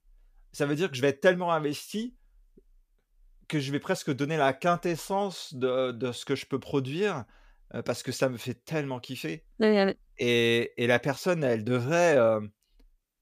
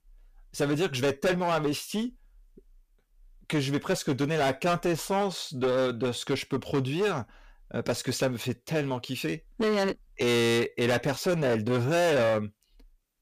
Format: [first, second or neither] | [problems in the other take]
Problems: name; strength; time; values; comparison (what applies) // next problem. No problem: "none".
first | distortion; heavy; 15% of the sound clipped